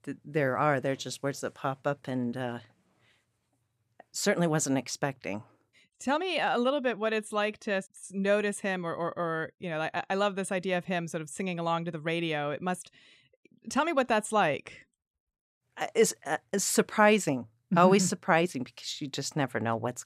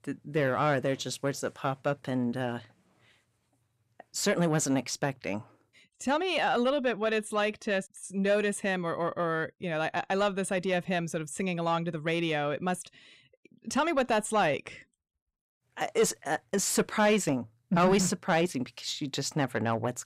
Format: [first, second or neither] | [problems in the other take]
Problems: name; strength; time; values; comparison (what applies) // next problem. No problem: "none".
first | distortion; slight; 10 dB below the speech